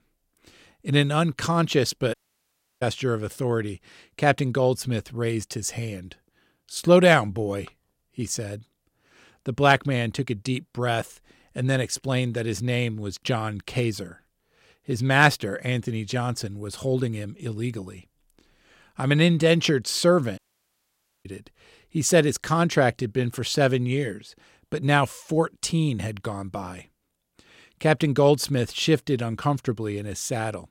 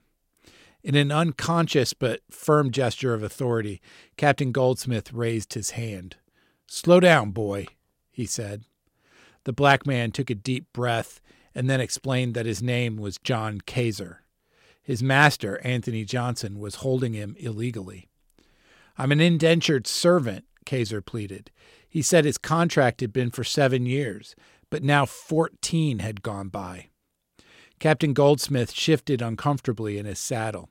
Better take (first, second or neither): second